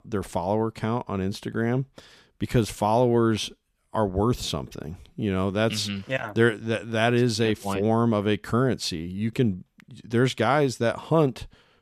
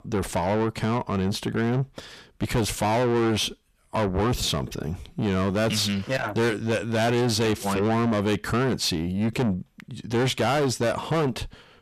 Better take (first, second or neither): first